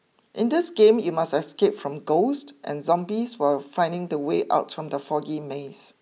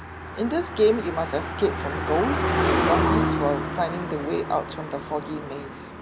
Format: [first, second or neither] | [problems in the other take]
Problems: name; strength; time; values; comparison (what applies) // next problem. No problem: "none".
first | background sound (Car passing by); as loud as the speech